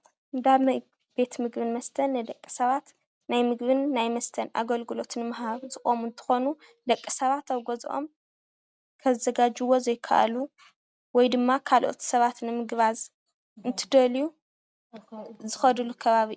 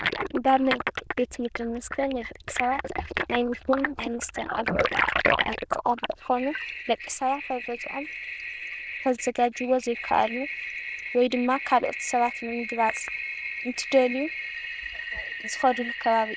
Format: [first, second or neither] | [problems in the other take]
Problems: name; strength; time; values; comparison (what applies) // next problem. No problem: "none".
first | noise reduction (neural diffusion model UNIVERSE++)